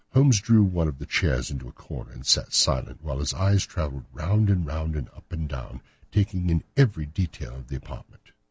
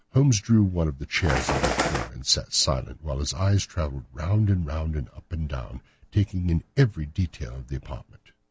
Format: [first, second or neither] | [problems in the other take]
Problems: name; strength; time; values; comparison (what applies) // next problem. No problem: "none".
first | background sound (Bird); 1 dB below the speech